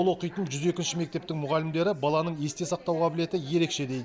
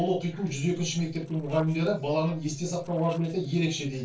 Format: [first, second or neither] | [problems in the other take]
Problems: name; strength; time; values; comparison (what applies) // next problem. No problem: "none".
first | noise reduction (neural separator model SepFormer DNS4)